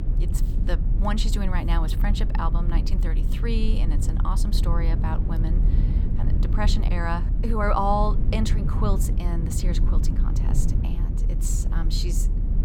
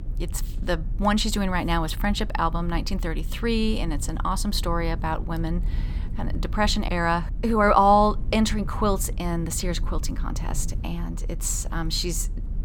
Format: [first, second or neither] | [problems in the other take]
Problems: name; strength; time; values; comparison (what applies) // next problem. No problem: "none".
second | low rumble; loud; throughout; 10 dB below the speech; faint in the second